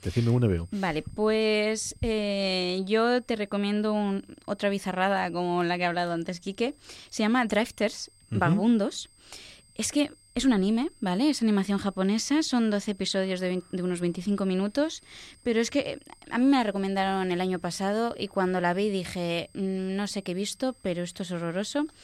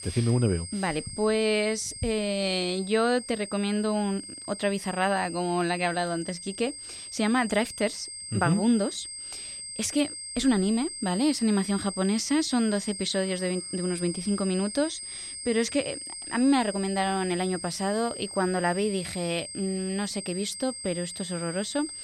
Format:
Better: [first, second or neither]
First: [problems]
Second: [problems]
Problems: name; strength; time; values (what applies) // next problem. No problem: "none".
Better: first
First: high-pitched whine; faint; throughout; 8.5 kHz, 30 dB below the speech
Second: high-pitched whine; loud; throughout; 8.5 kHz, 9 dB below the speech